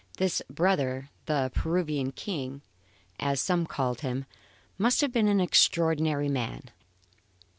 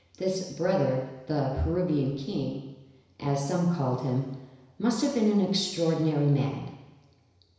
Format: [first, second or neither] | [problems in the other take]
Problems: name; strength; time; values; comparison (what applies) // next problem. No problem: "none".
first | room echo; dies away in 1 s